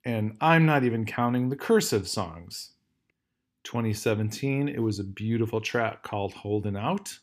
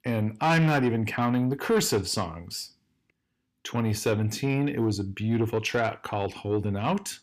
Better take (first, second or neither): first